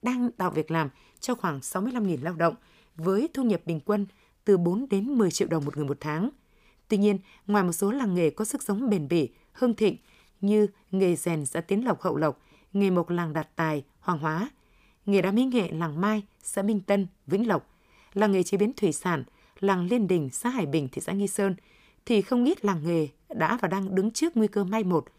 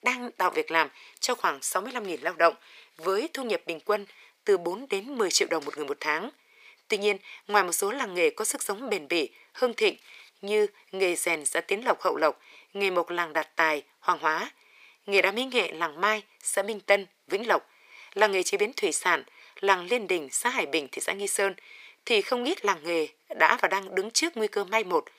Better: first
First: none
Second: thin; very; fading below 450 Hz

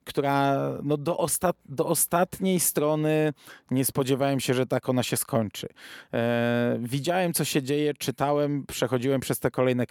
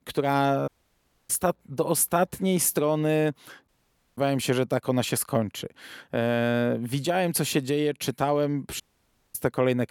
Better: first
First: none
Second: audio cutting out; at 0.5 s for 0.5 s, at 3.5 s and at 9 s for 0.5 s

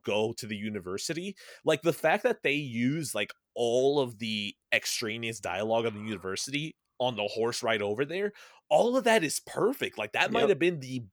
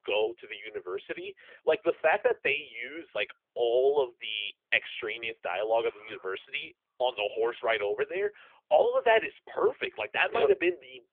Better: first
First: none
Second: phone-call audio; nothing above 3.5 kHz

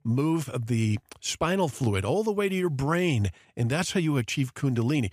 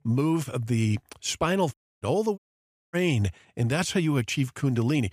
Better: first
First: none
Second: audio cutting out; at 1.5 s and at 2.5 s for 0.5 s

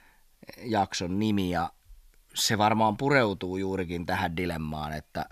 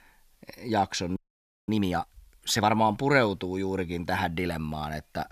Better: first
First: none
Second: audio freezing; at 1 s for 0.5 s

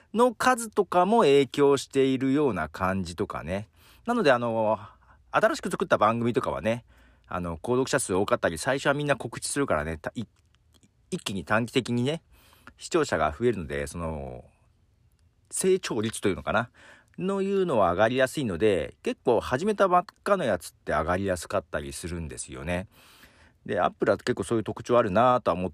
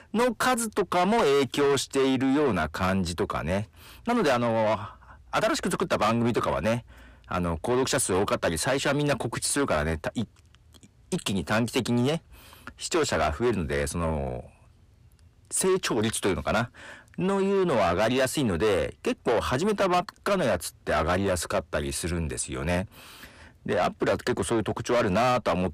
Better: first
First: none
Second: distortion; heavy; 7 dB below the speech

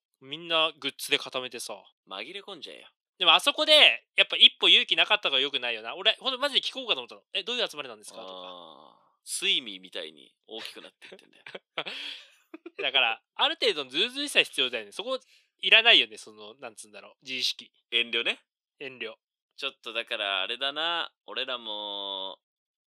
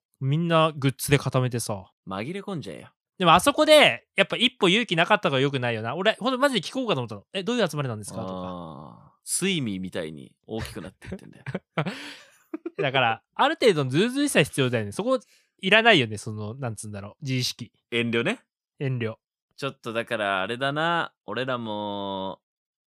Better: second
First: thin; somewhat; fading below 350 Hz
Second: none

